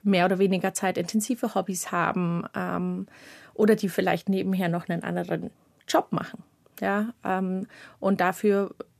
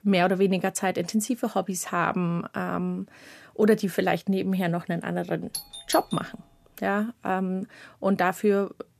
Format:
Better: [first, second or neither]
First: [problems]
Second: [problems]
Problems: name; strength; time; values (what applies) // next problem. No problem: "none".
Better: first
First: none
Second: doorbell; noticeable; at 5.5 s; peak 8 dB below the speech